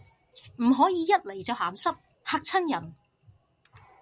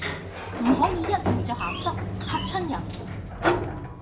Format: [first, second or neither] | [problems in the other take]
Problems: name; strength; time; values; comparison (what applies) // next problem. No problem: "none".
first | background sound (Sliding door); 1 dB above the speech // room echo; dies away in 0.7 s